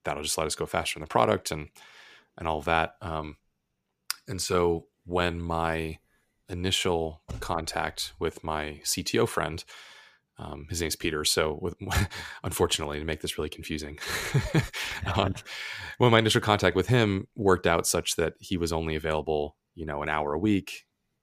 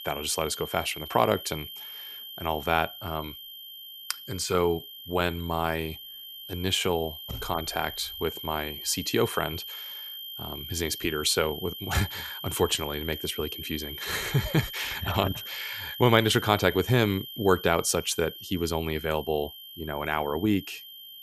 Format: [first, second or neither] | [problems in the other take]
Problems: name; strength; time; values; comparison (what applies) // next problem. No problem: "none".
first | high-pitched whine; loud; throughout; 3 kHz, 10 dB below the speech